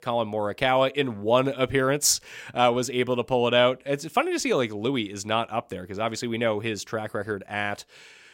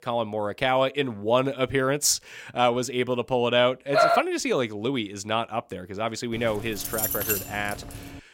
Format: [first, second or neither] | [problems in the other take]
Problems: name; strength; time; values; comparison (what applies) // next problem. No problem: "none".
first | dog barking; loud; at 4 s; peak 5 dB above the speech // jangling keys; loud; from 6.5 s on; peak 1 dB above the speech